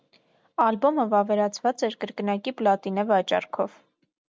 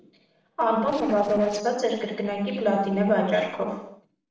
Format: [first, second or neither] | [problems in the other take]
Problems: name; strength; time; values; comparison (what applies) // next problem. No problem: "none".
first | noise reduction (neural separator model SepFormer DNS4)